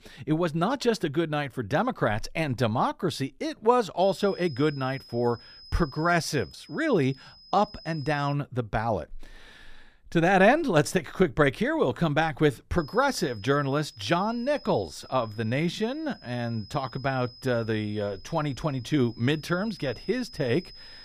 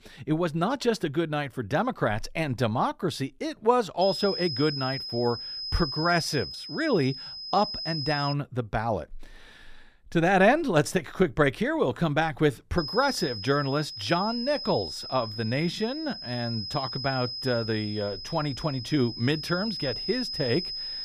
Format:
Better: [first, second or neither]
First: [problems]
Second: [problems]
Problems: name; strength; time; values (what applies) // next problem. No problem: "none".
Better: first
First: high-pitched whine; faint; from 4 to 8.5 s and from 13 s on; 5 kHz, 20 dB below the speech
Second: high-pitched whine; loud; from 4 to 8.5 s and from 13 s on; 5 kHz, 6 dB below the speech